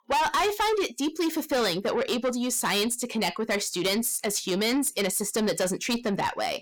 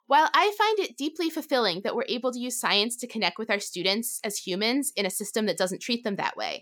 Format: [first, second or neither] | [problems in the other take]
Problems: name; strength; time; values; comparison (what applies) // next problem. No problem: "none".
second | distortion; heavy; 6 dB below the speech